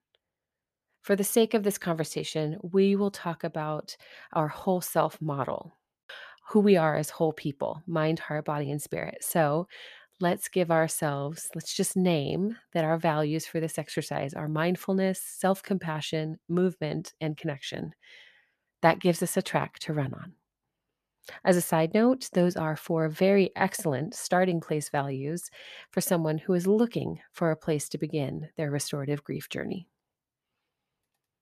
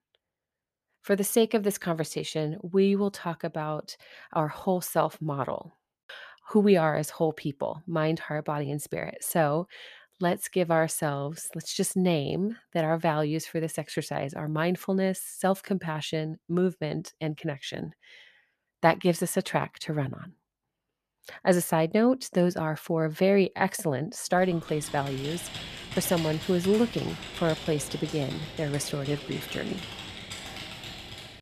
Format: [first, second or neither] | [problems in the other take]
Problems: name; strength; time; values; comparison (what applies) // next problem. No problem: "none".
first | keyboard typing; noticeable; from 24 s on; peak 7 dB below the speech